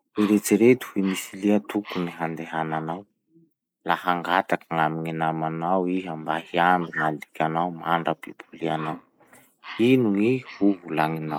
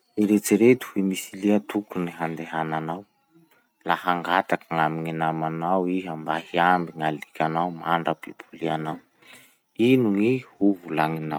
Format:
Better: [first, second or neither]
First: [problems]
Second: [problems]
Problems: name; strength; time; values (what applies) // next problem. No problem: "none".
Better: second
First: noise reduction (neural mask model Resemble Enhance denoiser)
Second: none